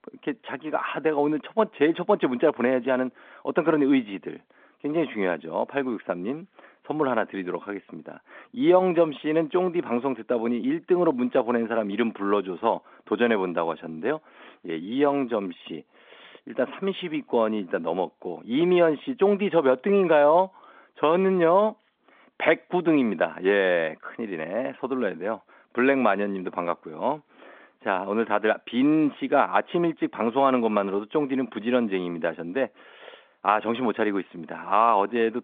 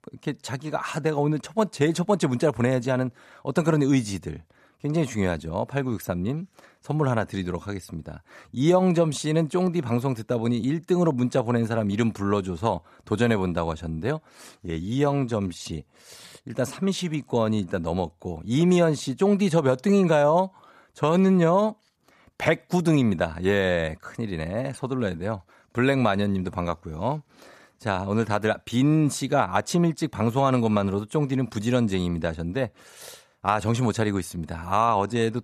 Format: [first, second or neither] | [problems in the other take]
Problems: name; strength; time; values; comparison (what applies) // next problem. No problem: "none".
second | phone-call audio; nothing above 3.5 kHz